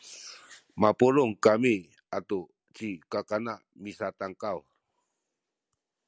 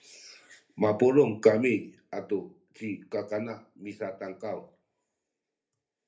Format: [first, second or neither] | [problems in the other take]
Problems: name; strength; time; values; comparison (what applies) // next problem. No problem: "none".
first | room echo; dies away in 0.3 s